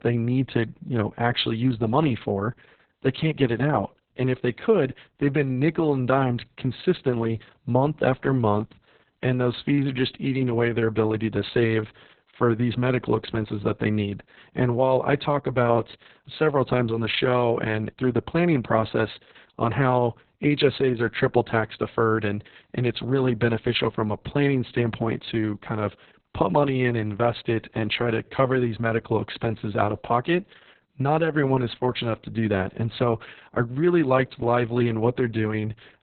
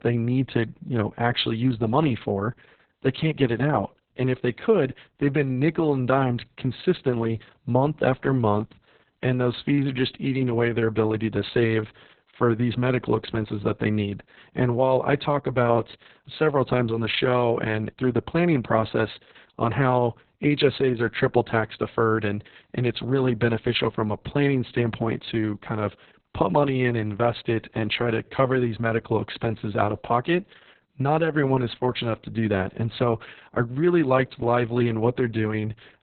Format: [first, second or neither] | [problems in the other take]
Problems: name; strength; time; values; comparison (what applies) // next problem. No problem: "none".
neither | garbled, watery; badly; nothing above 4 kHz; the same in both